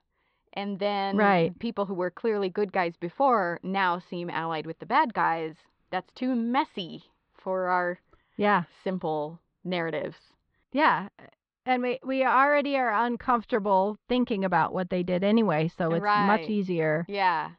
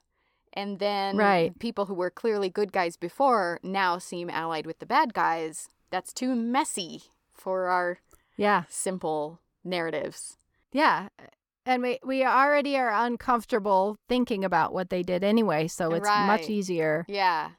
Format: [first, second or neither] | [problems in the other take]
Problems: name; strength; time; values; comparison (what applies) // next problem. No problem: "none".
second | muffled; slightly; fading above 4 kHz